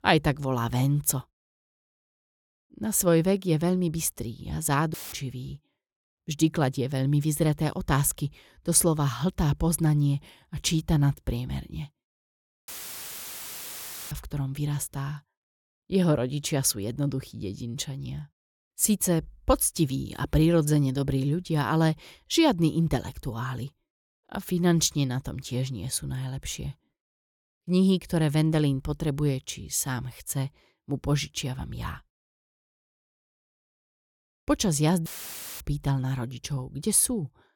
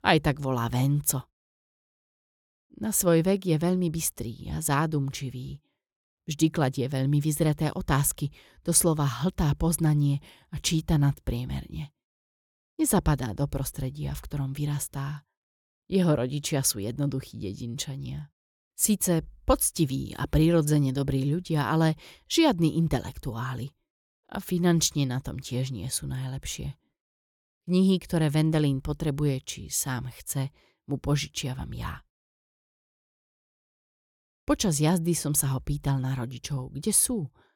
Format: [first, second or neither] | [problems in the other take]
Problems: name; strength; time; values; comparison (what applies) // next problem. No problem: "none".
second | audio cutting out; filled with static; at 5 s, at 13 s for 1.5 s and at 35 s for 0.5 s